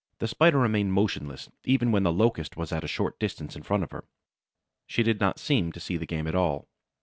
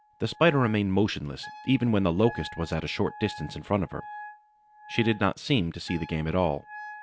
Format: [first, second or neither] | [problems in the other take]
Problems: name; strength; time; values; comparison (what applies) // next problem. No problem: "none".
first | background sound (Wind instrument, woodwind instrument); 18 dB below the speech